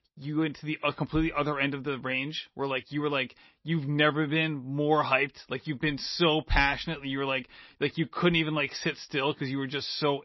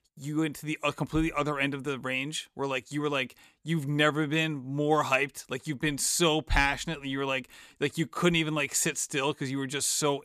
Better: second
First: garbled, watery; slightly; nothing above 5.5 kHz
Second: none

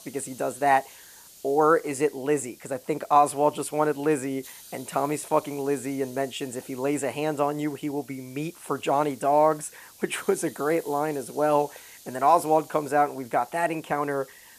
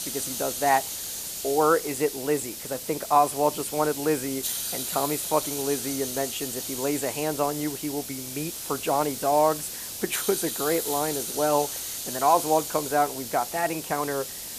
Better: first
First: hiss; faint; throughout; 20 dB below the speech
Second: hiss; loud; throughout; 5 dB below the speech

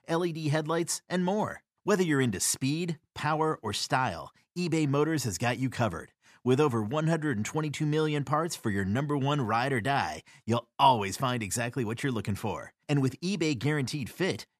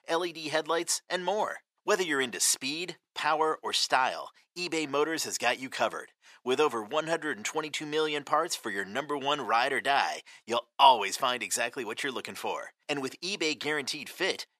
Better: first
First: none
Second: thin; very; fading below 500 Hz

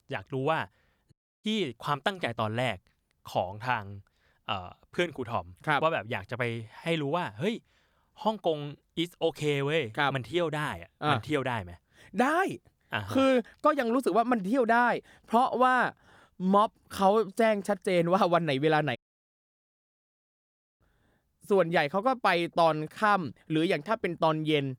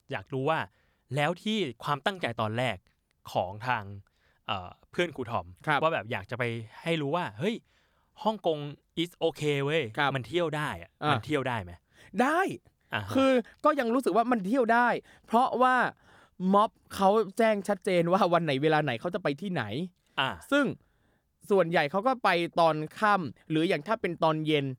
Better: second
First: audio cutting out; at 1 s and at 19 s for 2 s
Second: none

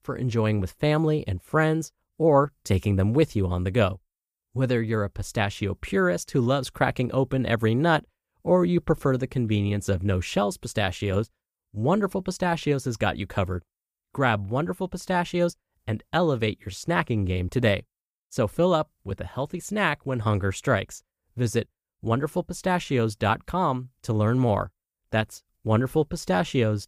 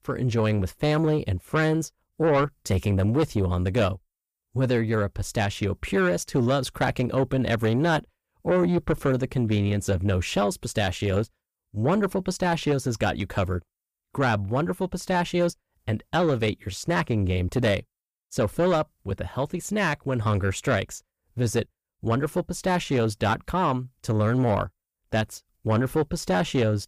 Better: first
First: none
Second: distortion; slight; 10 dB below the speech

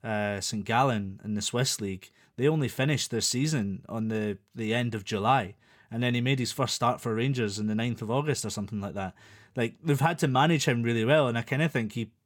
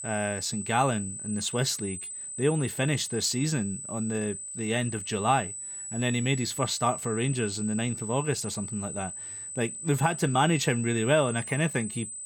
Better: first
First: none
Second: high-pitched whine; loud; throughout; 8 kHz, 7 dB below the speech

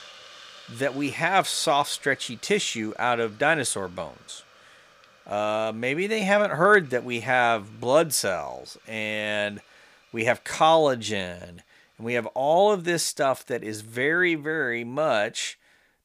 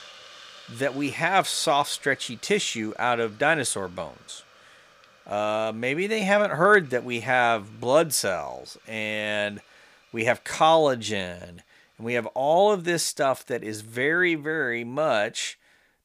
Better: neither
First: hiss; faint; throughout; 25 dB below the speech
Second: hiss; faint; throughout; 25 dB below the speech

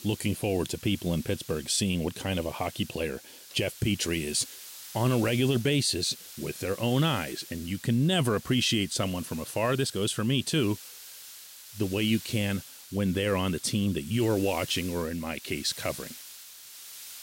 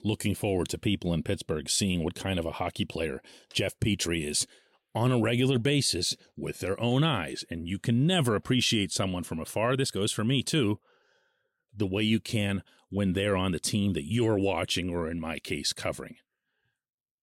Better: second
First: hiss; noticeable; throughout; 15 dB below the speech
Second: none

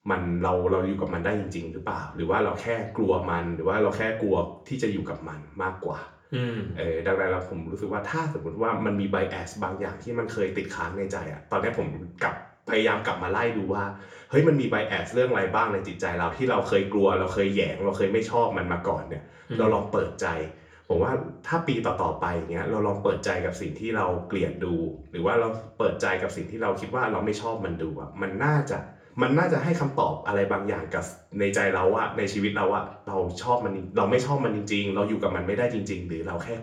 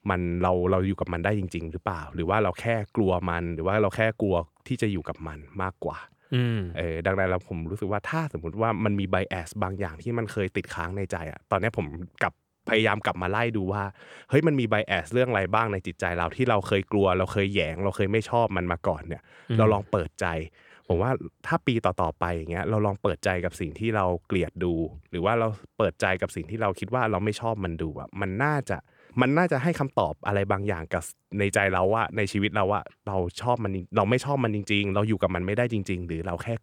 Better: second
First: room echo; very slight; dies away in 0.4 s // off-mic speech; far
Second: none

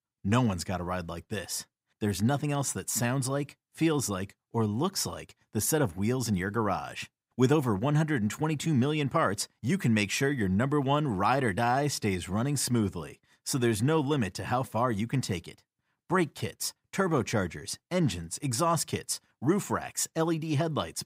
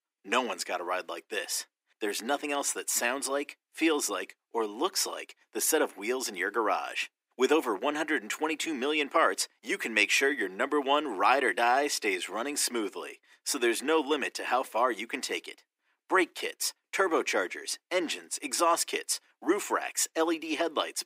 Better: first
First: none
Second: thin; very; fading below 300 Hz

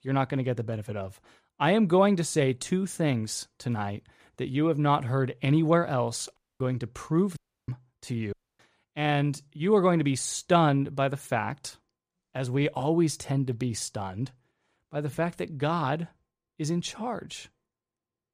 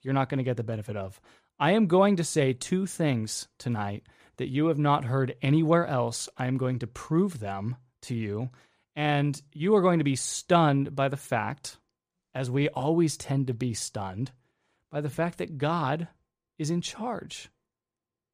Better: second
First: audio cutting out; at 6.5 s, at 7.5 s and at 8.5 s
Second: none

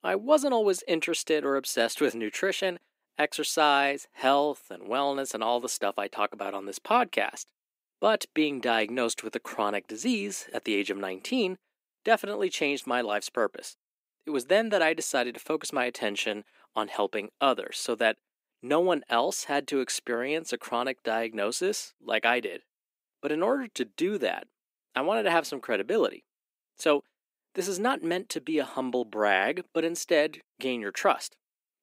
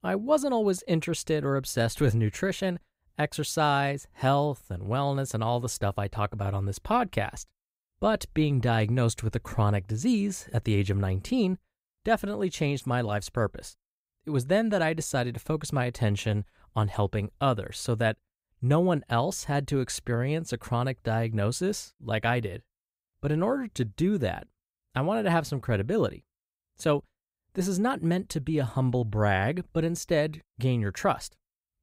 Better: second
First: thin; somewhat; fading below 250 Hz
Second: none

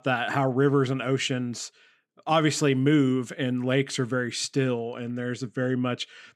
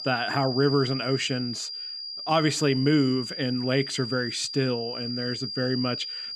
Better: first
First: none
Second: high-pitched whine; loud; throughout; 5 kHz, 6 dB below the speech

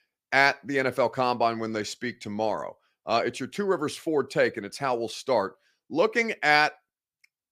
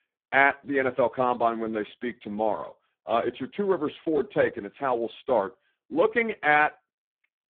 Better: first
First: none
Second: phone-call audio; poor line

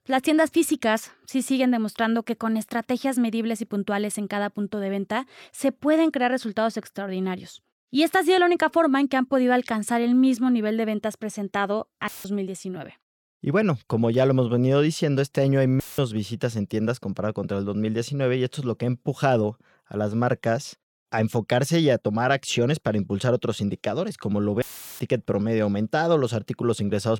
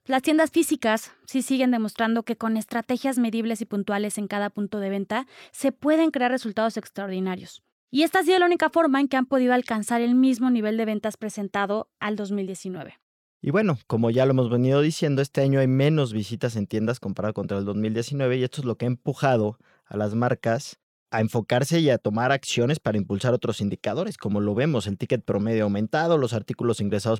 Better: second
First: audio cutting out; filled with static; at 12 s, at 16 s and at 25 s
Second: none

